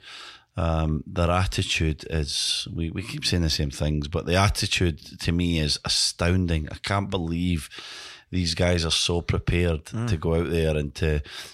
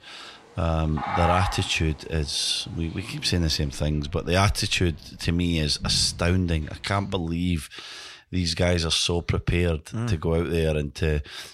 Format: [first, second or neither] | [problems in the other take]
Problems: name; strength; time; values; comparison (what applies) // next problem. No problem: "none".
first | animal sounds; loud; until 7 s; 7 dB below the speech